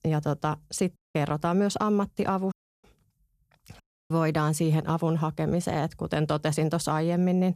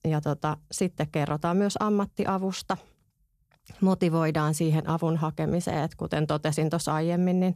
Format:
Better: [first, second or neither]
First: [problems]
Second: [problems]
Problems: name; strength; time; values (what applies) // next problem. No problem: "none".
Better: second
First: audio cutting out; at 1 s, at 2.5 s and at 4 s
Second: none